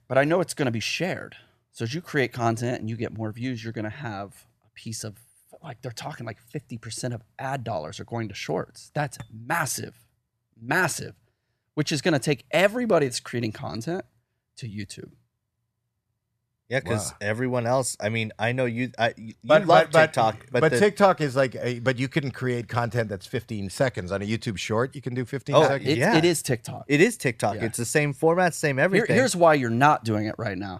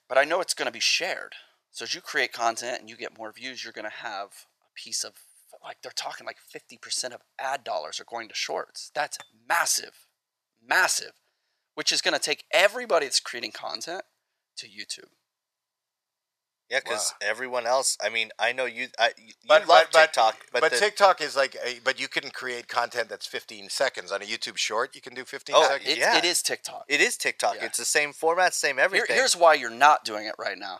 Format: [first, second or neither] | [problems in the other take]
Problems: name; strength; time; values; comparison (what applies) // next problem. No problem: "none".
first | thin; very; fading below 700 Hz